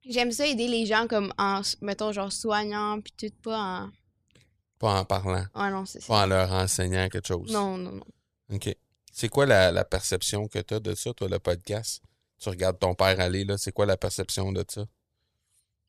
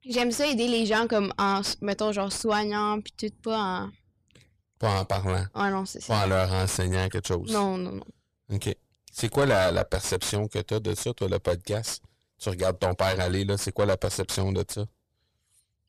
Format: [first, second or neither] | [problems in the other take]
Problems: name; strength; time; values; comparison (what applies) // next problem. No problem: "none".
first | distortion; heavy; 7 dB below the speech